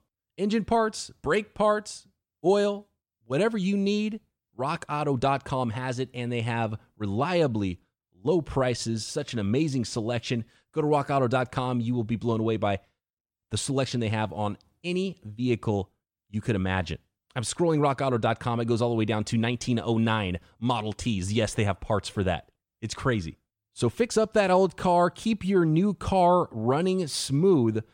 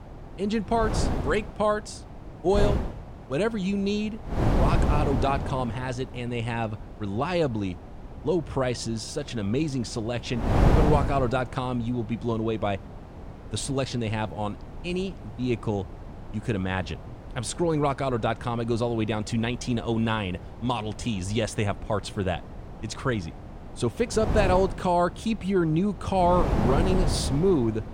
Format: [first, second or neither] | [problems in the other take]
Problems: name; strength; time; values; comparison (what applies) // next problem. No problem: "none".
first | wind noise on the microphone; heavy; 8 dB below the speech